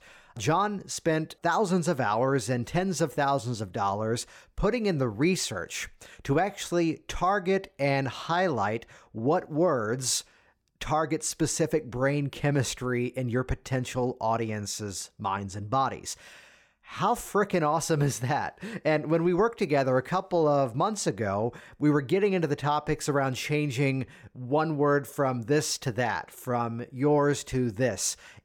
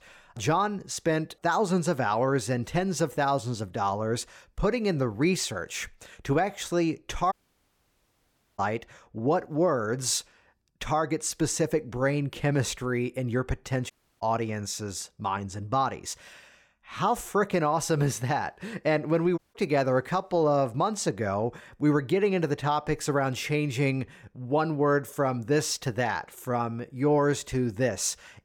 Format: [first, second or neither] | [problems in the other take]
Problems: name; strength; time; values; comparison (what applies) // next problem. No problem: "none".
first | audio cutting out; at 7.5 s for 1.5 s, at 14 s and at 19 s